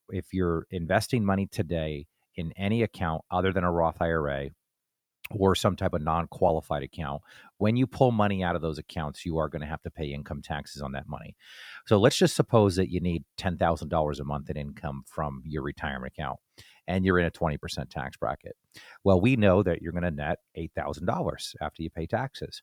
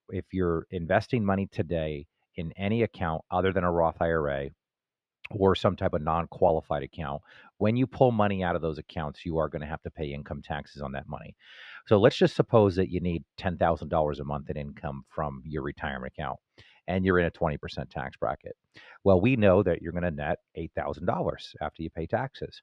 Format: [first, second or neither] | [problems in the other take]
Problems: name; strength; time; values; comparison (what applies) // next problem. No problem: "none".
first | muffled; slightly; fading above 3 kHz